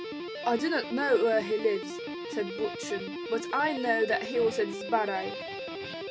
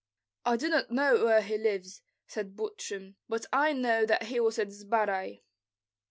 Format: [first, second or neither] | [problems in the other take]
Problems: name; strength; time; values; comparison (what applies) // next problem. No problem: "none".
second | background sound (Guitar); 7 dB below the speech // room echo; dies away in 0.3 s